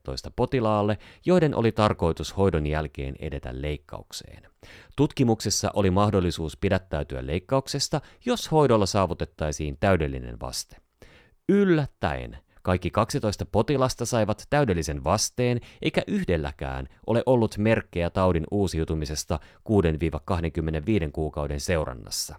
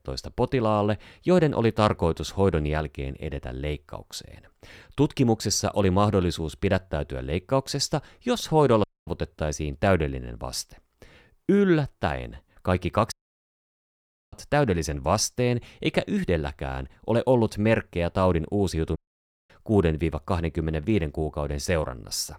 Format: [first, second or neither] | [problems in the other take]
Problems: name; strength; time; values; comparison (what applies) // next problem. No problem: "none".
first | audio cutting out; at 9 s, at 13 s for 1 s and at 19 s for 0.5 s